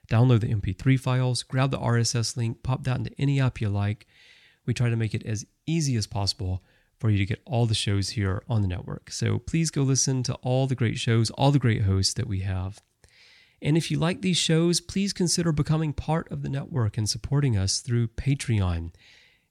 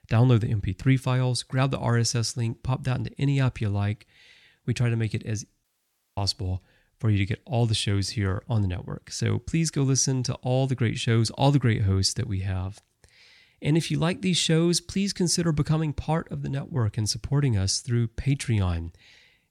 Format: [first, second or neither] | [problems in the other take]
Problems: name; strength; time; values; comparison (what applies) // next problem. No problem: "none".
first | audio cutting out; at 5.5 s for 0.5 s